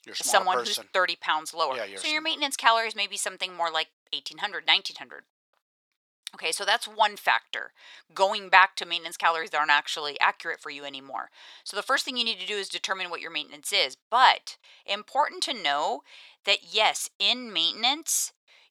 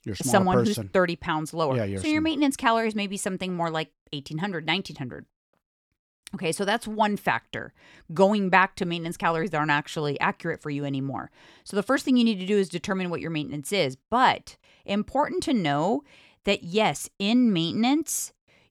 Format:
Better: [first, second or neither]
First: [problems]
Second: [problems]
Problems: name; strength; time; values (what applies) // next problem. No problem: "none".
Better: second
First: thin; very; fading below 900 Hz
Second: none